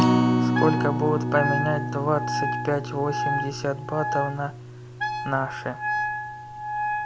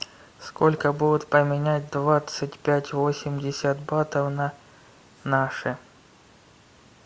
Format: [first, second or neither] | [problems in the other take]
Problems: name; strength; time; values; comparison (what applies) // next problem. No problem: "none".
second | background sound (Wind instrument, woodwind instrument + Acoustic guitar); 2 dB above the speech